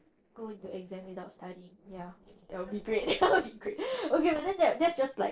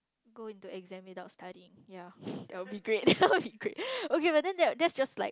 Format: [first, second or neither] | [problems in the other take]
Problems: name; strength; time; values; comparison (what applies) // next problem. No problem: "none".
second | noise reduction (neural separator model SepFormer DNS4)